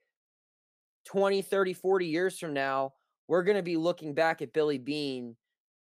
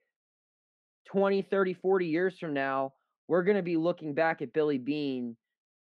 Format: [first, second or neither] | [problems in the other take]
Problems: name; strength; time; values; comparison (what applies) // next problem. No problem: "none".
first | muffled; slightly; fading above 2.5 kHz